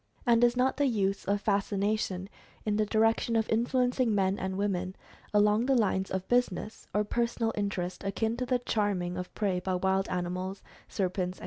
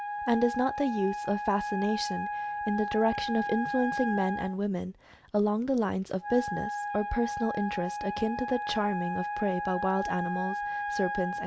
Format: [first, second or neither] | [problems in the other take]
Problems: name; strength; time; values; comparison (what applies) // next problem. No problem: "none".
first | background sound (Wind instrument, woodwind instrument); 4 dB below the speech